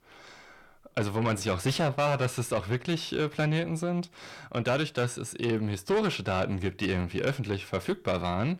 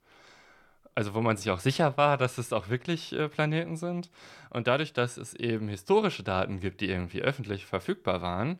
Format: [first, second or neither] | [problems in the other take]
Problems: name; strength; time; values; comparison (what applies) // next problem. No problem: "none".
second | distortion; heavy; 8 dB below the speech